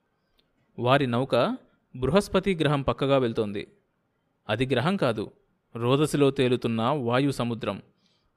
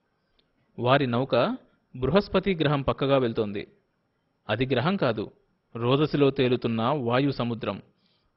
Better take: first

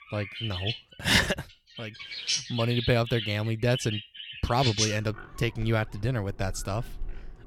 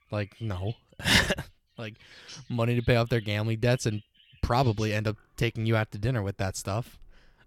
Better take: second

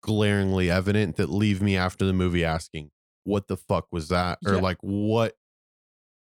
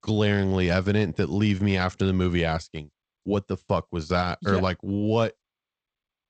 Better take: first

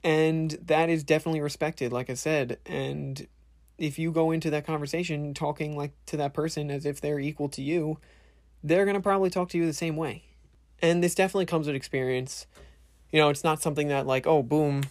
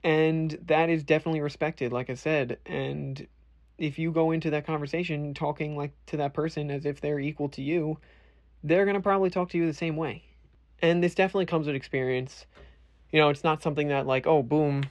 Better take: first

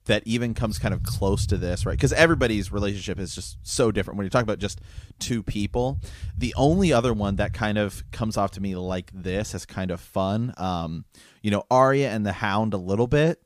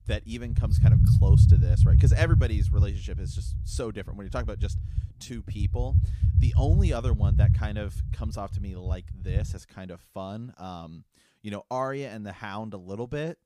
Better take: first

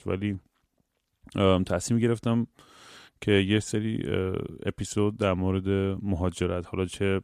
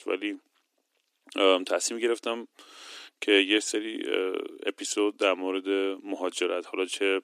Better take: first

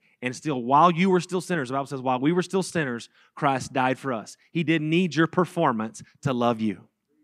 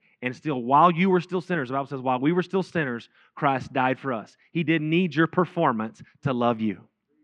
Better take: first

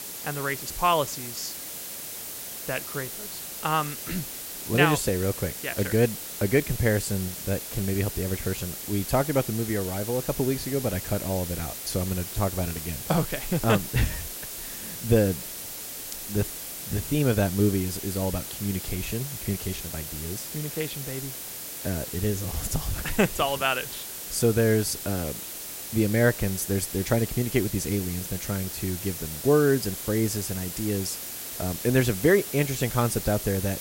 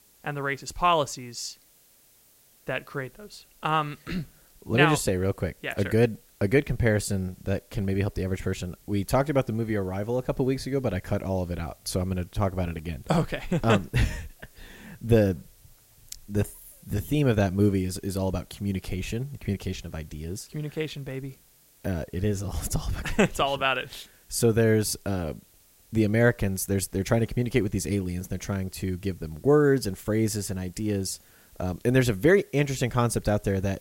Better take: second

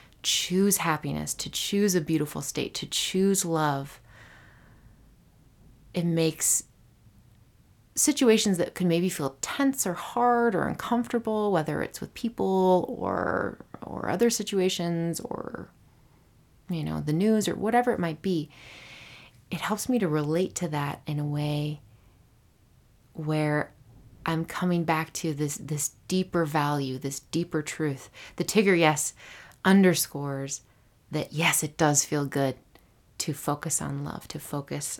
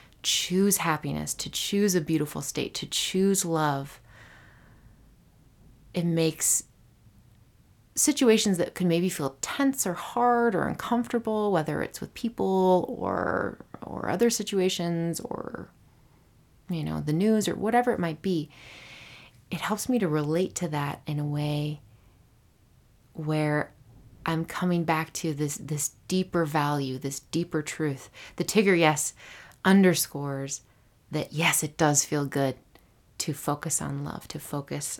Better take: neither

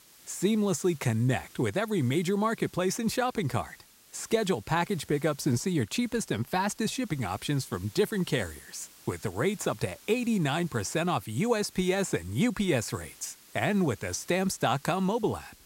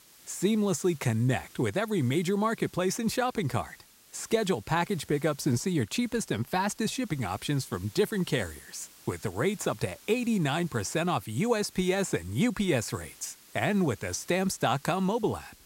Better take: neither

